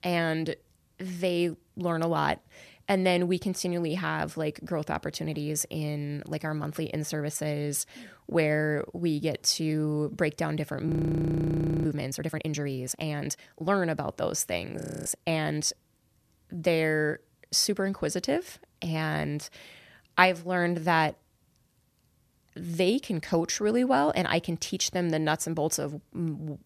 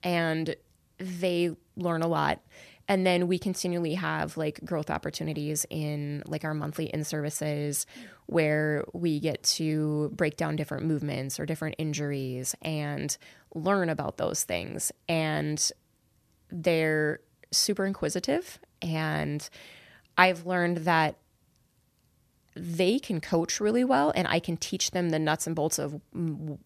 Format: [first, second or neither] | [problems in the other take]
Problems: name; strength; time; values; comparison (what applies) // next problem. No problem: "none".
second | audio freezing; at 11 s for 1 s and at 15 s